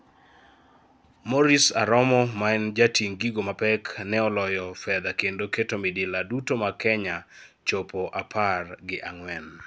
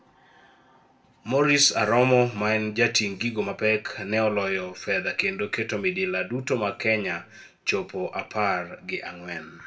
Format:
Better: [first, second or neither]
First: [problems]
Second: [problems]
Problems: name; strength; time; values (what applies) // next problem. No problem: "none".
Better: first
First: none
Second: room echo; dies away in 0.5 s